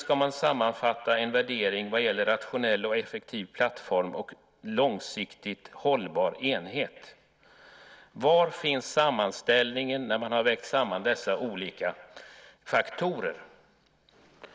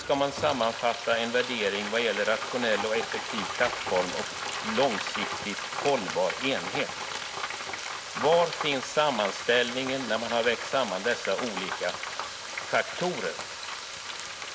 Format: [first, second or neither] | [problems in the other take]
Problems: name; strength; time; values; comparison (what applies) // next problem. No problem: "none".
first | background sound (Frying (food)); 6 dB below the speech